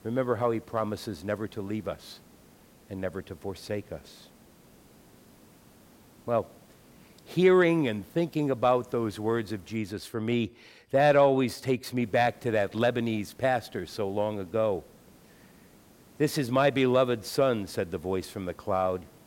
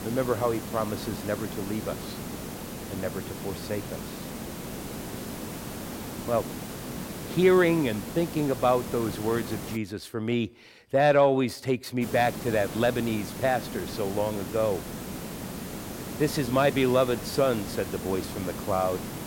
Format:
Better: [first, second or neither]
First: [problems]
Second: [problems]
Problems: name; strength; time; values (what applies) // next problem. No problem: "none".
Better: first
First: hiss; faint; until 10 s and from 12 s on; 30 dB below the speech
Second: hiss; loud; until 10 s and from 12 s on; 9 dB below the speech